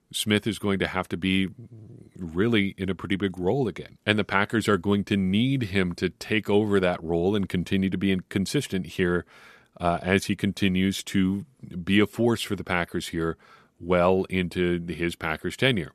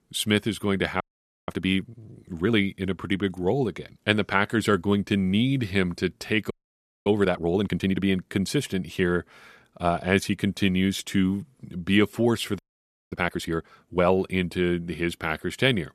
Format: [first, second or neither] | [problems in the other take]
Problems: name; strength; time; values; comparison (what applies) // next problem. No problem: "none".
first | audio freezing; at 1 s, at 6.5 s for 0.5 s and at 13 s for 0.5 s